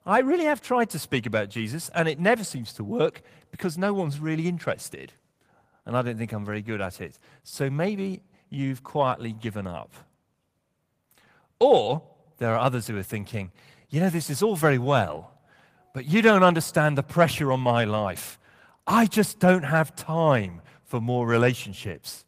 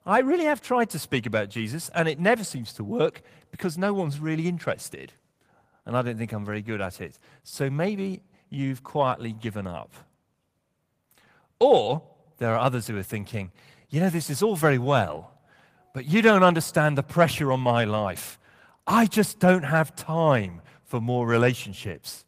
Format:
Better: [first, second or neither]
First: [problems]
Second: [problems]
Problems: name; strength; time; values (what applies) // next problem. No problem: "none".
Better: neither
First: garbled, watery; slightly; nothing above 15 kHz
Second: garbled, watery; slightly; nothing above 15 kHz